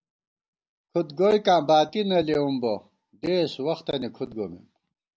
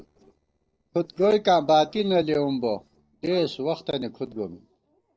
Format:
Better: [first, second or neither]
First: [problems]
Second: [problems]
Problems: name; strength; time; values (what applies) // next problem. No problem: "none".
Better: first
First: none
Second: noise reduction (neural separator model SepFormer DNS4)